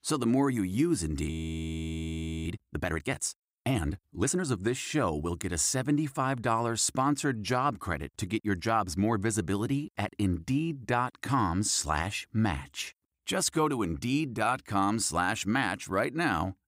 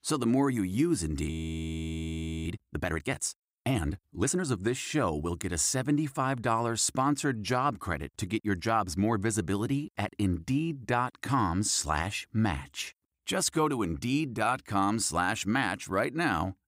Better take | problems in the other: neither | audio freezing; at 1.5 s for 1 s; the same in both

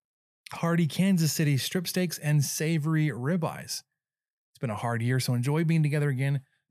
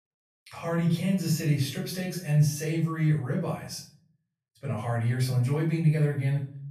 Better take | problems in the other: first | off-mic speech; far // room echo; slight; dies away in 0.4 s

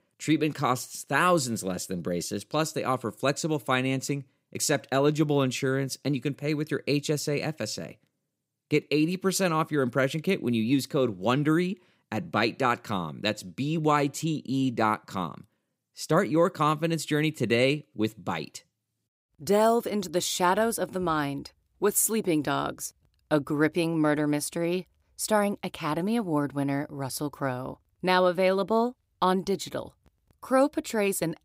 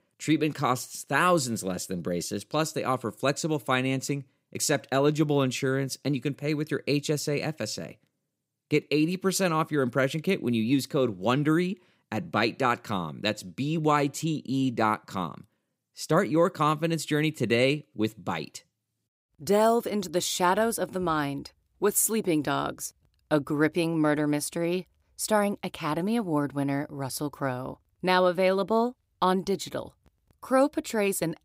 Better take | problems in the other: neither | none

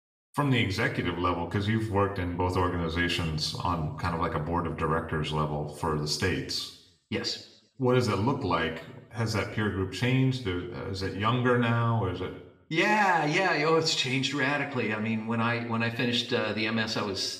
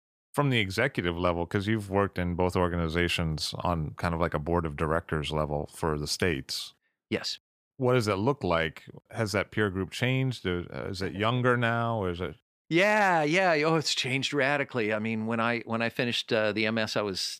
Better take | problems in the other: second | room echo; slight; dies away in 0.6 s // off-mic speech; far

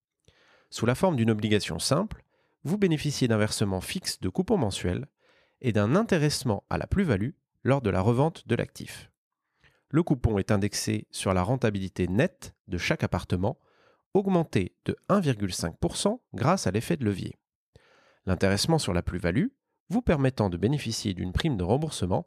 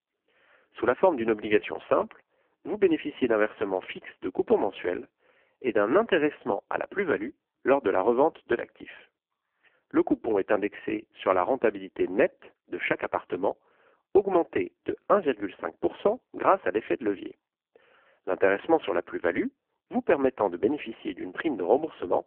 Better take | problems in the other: first | phone-call audio; poor line

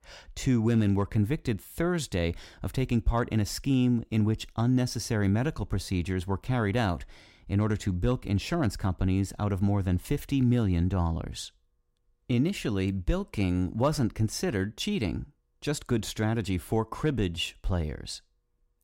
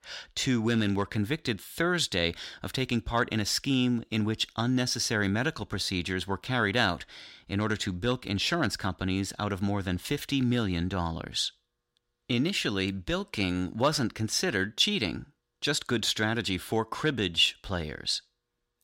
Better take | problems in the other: first | thin; very slightly; fading below 400 Hz

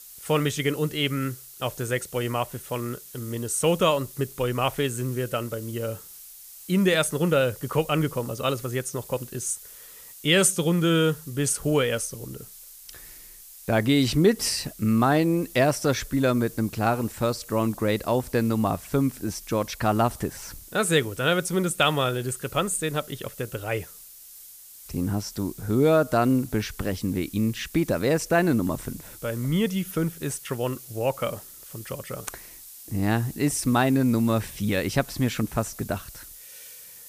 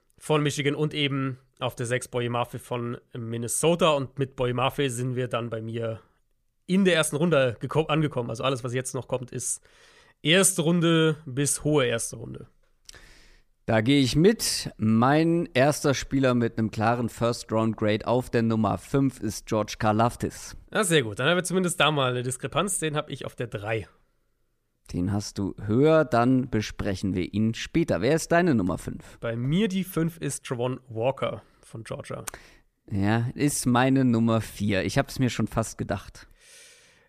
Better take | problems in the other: second | hiss; noticeable; throughout; 15 dB below the speech

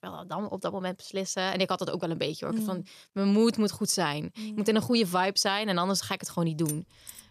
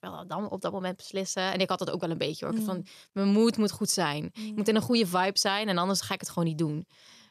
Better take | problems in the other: second | jangling keys; noticeable; at 6.5 s; peak 10 dB below the speech

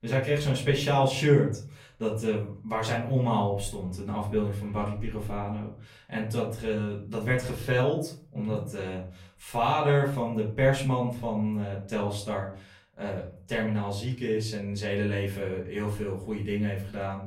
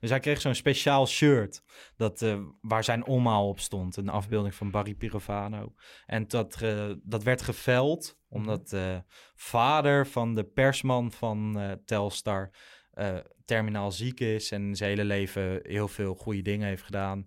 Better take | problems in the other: second | room echo; slight; dies away in 0.4 s // off-mic speech; far

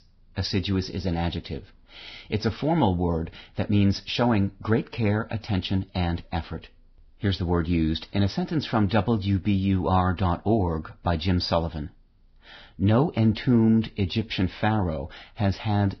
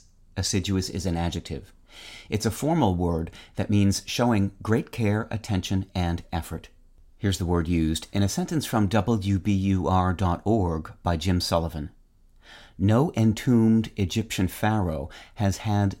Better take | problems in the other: second | garbled, watery; badly; nothing above 5.5 kHz

